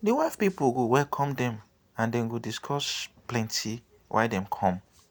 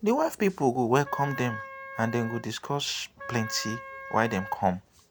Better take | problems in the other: first | background sound (Wind instrument, woodwind instrument); 12 dB below the speech

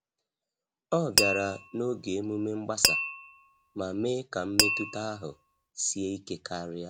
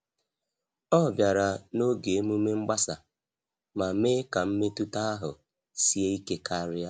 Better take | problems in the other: second | background sound (Glass); 3 dB above the speech

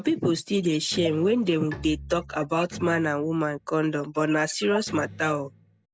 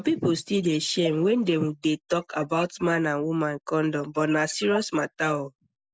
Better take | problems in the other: second | background sound (Bowed string instrument + Electric guitar); 17 dB below the speech

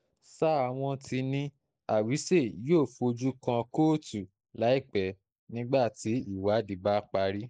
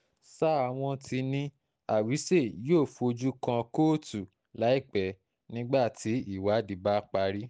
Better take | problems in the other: second | noise reduction (neural mask model Resemble Enhance denoiser)

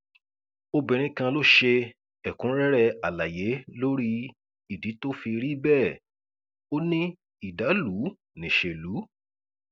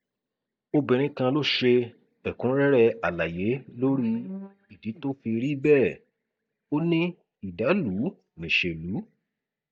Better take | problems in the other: first | noise reduction (neural mask model DeepFilterNet 3)

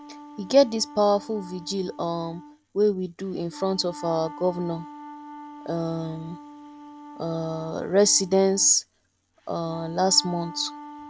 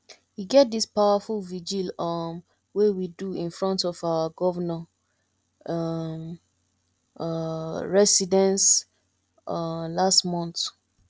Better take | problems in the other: second | background sound (Wind instrument, woodwind instrument); 16 dB below the speech

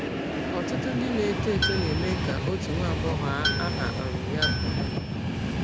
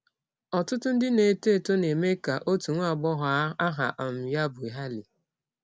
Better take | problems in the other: second | background sound (Tools + Train); 5 dB above the speech

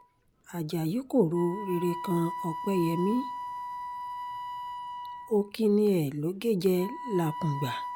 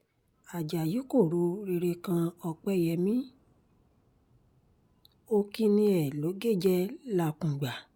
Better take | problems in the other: second | background sound (Wind instrument, woodwind instrument); 9 dB below the speech

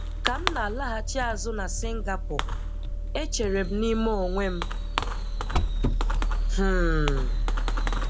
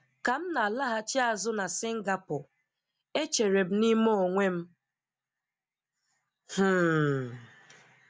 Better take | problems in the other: second | background sound (Fireworks); 5 dB above the speech

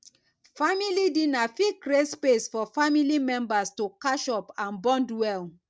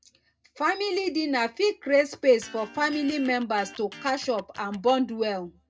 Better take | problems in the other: first | background sound (Electric guitar); 19 dB below the speech // room echo; dies away in 0.2 s

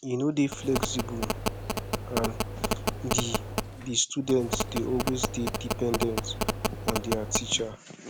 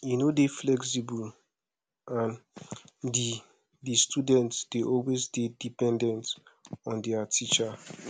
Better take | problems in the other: second | background sound (Telephone); as loud as the speech

